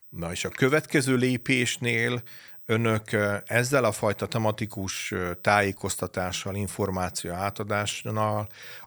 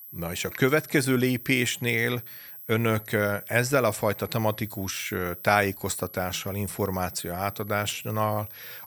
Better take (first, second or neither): first